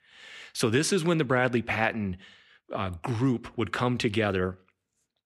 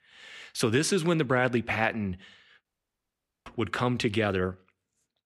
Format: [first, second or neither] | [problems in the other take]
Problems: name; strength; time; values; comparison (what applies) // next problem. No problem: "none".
first | audio cutting out; at 2.5 s for 1 s